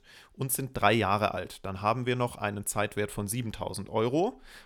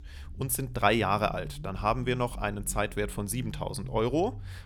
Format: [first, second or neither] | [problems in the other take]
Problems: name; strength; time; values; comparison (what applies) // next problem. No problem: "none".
first | low rumble; faint; throughout; 25 dB below the speech